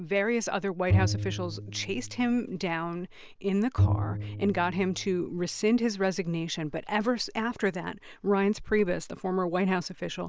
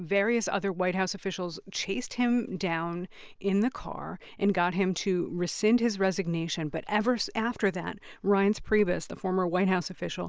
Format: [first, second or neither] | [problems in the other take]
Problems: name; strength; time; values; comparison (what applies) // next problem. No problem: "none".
second | background sound (Bowed string instrument); 2 dB below the speech